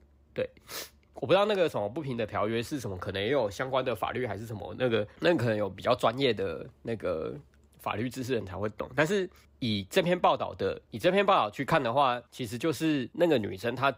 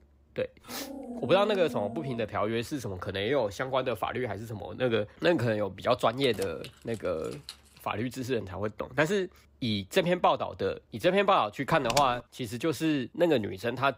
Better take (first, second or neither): first